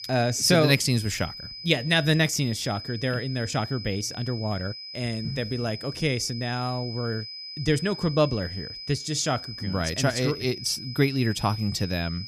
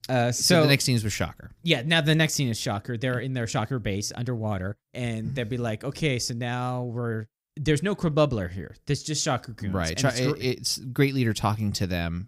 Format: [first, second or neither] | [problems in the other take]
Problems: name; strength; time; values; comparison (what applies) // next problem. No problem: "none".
second | high-pitched whine; noticeable; throughout; 5 kHz, 10 dB below the speech